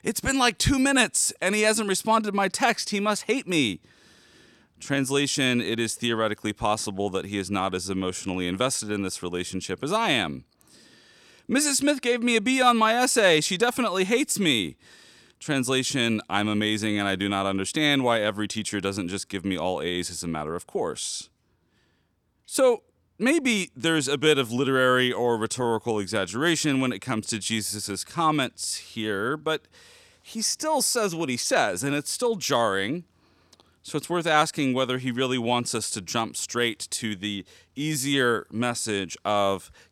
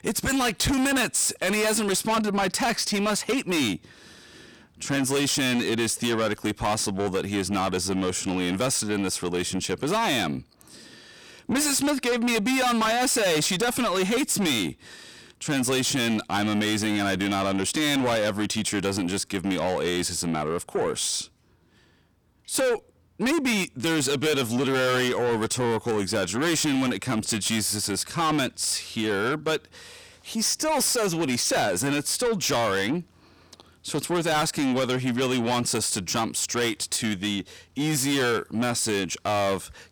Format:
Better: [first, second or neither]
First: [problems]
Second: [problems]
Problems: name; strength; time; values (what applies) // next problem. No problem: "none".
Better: first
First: none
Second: distortion; heavy; 6 dB below the speech